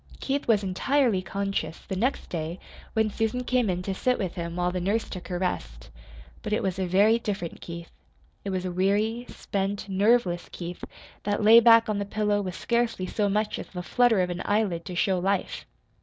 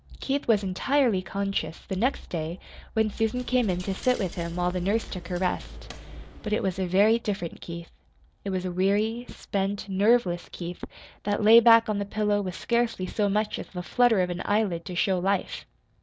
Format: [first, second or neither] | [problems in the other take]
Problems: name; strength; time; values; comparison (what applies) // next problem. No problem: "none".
first | background sound (Coin (dropping)); 19 dB below the speech